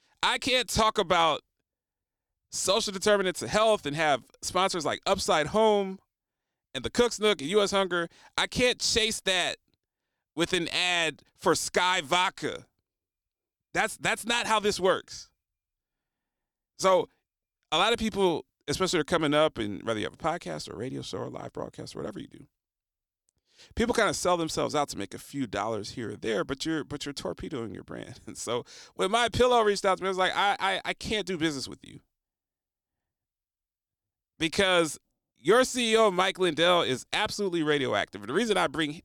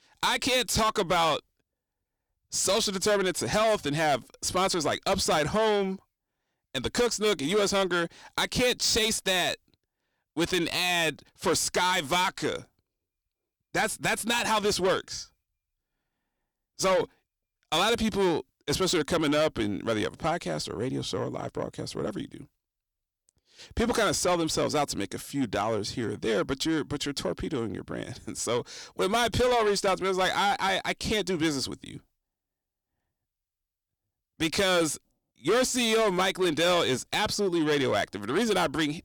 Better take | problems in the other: first | distortion; heavy; 8 dB below the speech

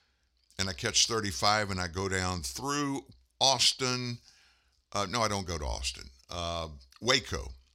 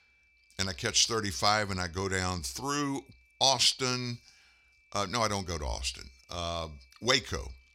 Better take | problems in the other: first | high-pitched whine; faint; throughout; 2.5 kHz, 35 dB below the speech

